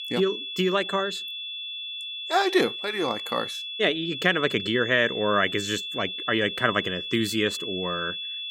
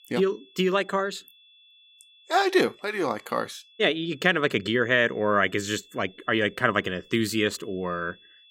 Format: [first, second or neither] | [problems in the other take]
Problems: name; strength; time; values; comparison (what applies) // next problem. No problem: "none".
second | high-pitched whine; loud; throughout; 3.5 kHz, 6 dB below the speech; faint in the second